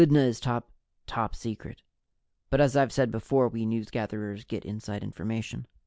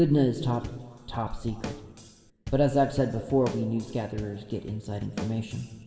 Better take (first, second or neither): first